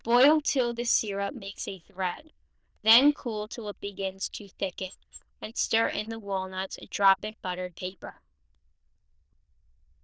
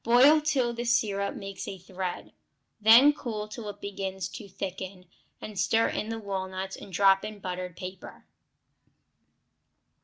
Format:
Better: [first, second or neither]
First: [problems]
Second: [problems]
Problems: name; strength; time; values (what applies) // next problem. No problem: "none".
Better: second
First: noise reduction (neural diffusion model UNIVERSE++)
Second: none